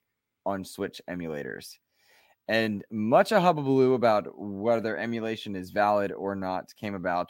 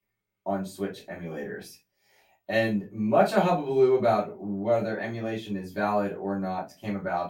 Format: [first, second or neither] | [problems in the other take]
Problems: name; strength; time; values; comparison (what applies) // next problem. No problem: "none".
first | off-mic speech; far // room echo; very slight; dies away in 0.2 s